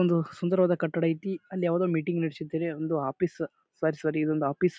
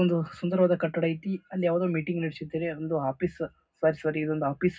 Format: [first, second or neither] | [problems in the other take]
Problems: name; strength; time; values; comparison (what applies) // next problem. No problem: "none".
first | room echo; dies away in 0.4 s